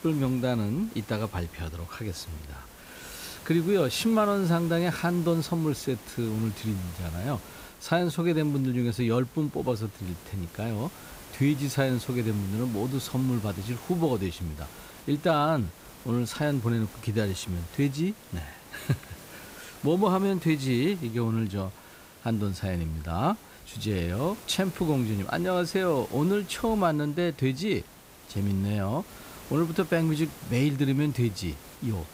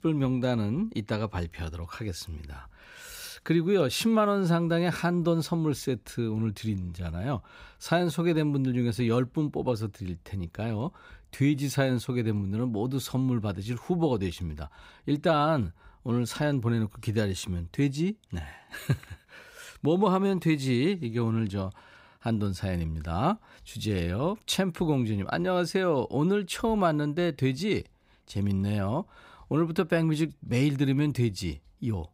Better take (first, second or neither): second